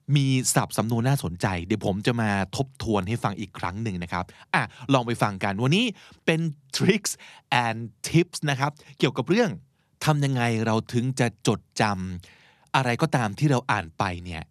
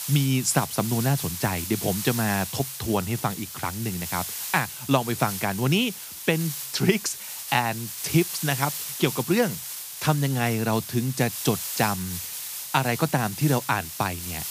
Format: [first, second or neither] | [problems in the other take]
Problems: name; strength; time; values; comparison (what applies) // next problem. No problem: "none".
first | hiss; loud; throughout; 6 dB below the speech